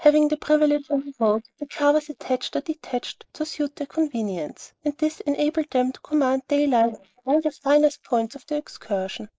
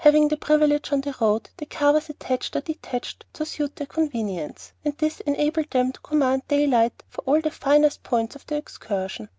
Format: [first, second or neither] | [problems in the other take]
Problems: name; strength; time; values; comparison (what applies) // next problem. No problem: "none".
second | noise reduction (neural mask model Resemble Enhance denoiser)